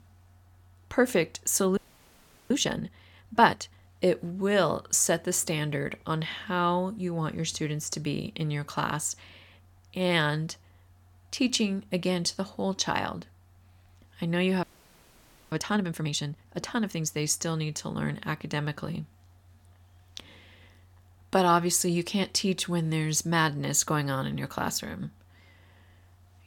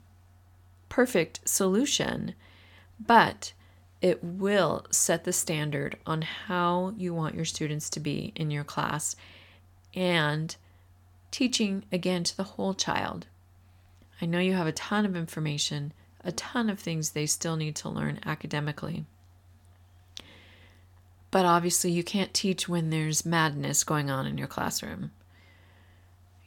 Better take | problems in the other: second | audio freezing; at 2 s for 0.5 s and at 15 s for 1 s

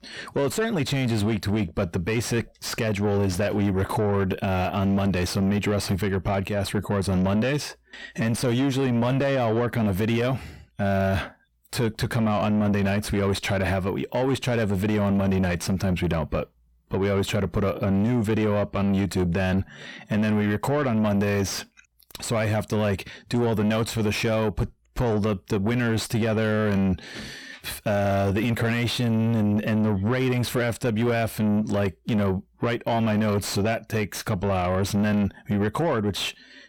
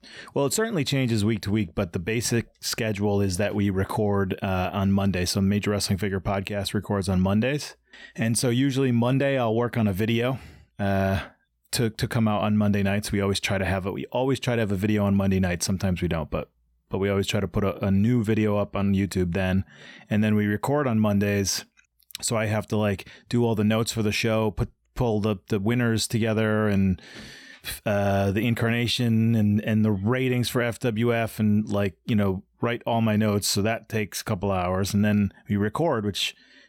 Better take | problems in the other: second | distortion; slight; 10 dB below the speech

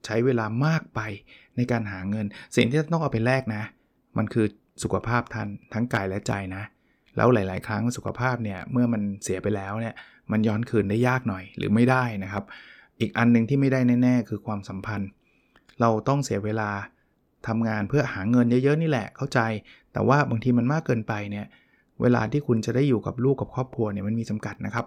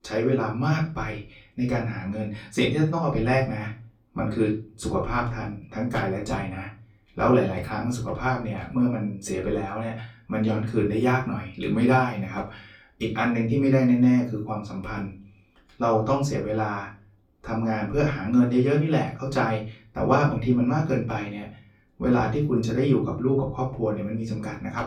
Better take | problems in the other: first | room echo; slight; dies away in 0.3 s // off-mic speech; far

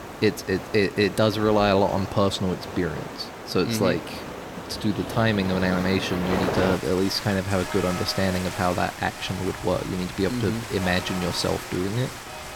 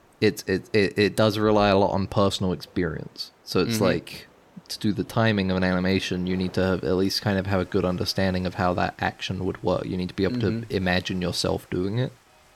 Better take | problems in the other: second | rain or running water; loud; throughout; 8 dB below the speech; faint in the second

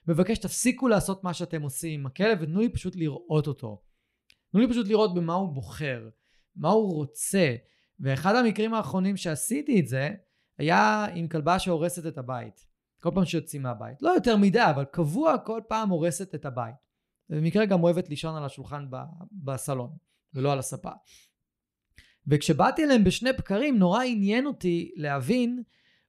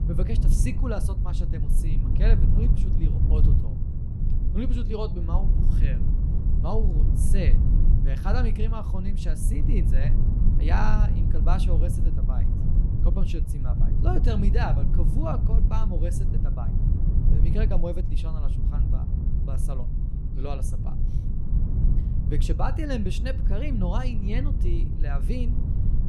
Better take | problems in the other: first | low rumble; loud; throughout; 4 dB below the speech

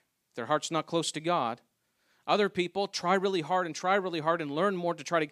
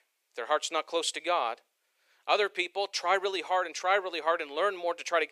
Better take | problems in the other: first | thin; very; fading below 450 Hz

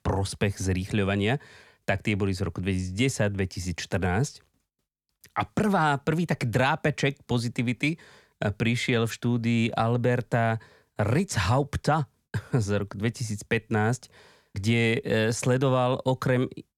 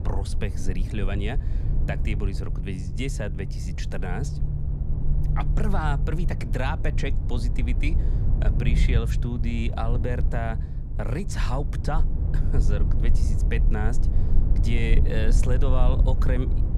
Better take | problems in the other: first | low rumble; loud; throughout; 8 dB below the speech

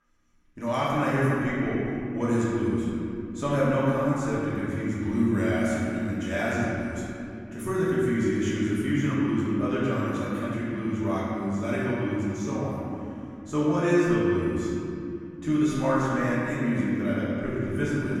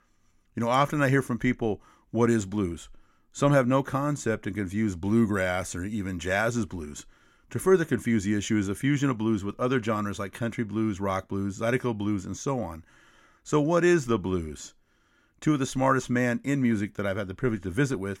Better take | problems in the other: second | room echo; strong; dies away in 3 s // off-mic speech; far

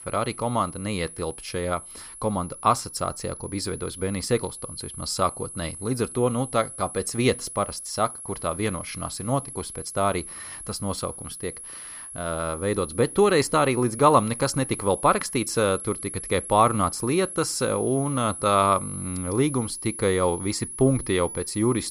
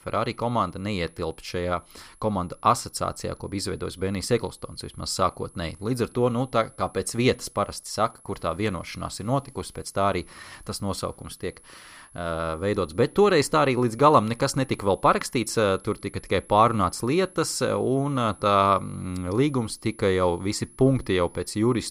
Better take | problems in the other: second | high-pitched whine; loud; throughout; 11 kHz, 10 dB below the speech; faint in the second

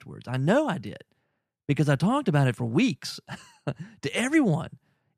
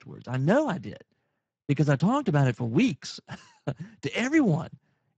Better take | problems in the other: first | garbled, watery; badly; nothing above 7.5 kHz

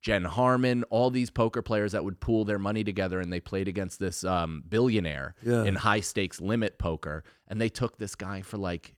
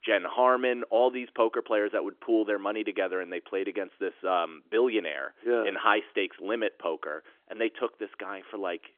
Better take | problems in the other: first | phone-call audio; nothing above 3.5 kHz

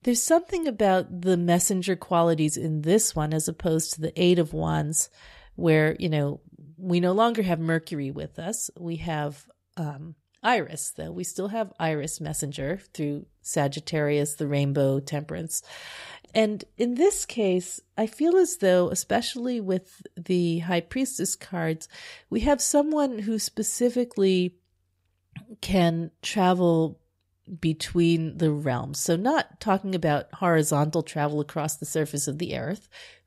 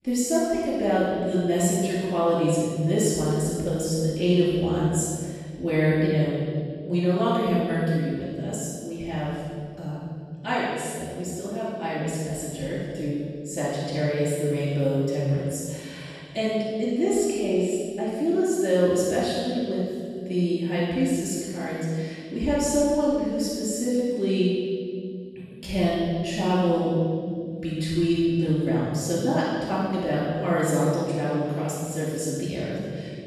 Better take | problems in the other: first | off-mic speech; far // room echo; strong; dies away in 2.1 s

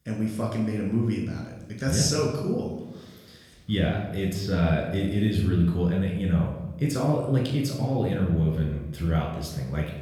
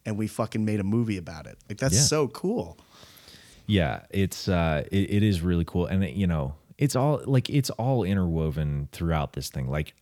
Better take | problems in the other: second | off-mic speech; somewhat distant // room echo; noticeable; dies away in 0.9 s

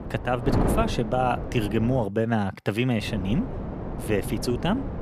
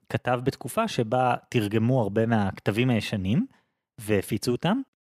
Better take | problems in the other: second | wind noise on the microphone; heavy; until 2 s and from 3 s on; 7 dB below the speech

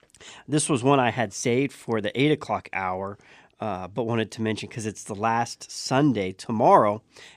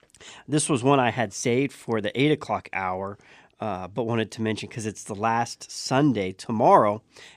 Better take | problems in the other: neither | none

